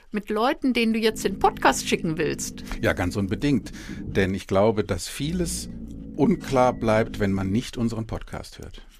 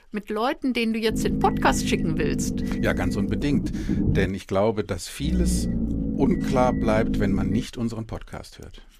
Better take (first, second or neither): first